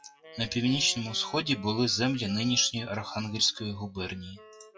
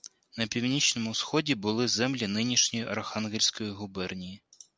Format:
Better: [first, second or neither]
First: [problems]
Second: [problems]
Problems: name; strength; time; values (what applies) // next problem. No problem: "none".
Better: second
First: noise reduction (classical method WPE with log-MMSE)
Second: none